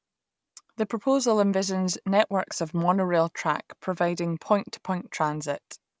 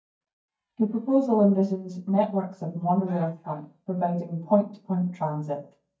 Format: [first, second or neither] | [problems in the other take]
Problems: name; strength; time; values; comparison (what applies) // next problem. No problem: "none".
first | noise reduction (neural mask model DeepFilterNet 3)